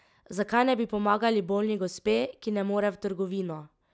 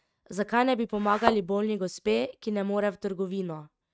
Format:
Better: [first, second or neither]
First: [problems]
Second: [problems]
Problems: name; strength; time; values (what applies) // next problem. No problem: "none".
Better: first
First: none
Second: noise reduction (neural mask model RNNoise)